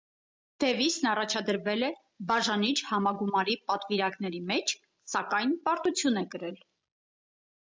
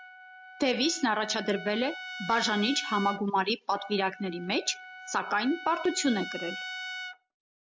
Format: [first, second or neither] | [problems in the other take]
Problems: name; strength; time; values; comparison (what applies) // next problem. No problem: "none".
first | background sound (Trumpet); 11 dB below the speech